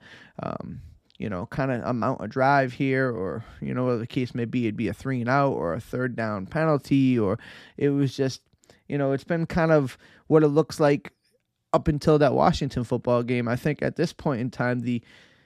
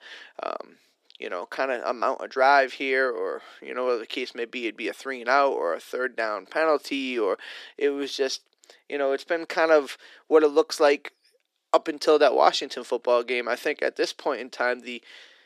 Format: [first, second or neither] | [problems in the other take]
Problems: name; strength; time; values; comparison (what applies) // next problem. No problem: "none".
first | thin; very; fading below 350 Hz